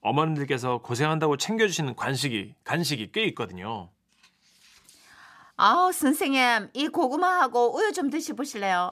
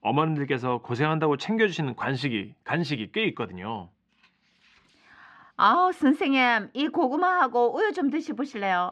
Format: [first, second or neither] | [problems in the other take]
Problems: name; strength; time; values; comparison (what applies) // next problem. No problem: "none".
first | muffled; slightly; fading above 2.5 kHz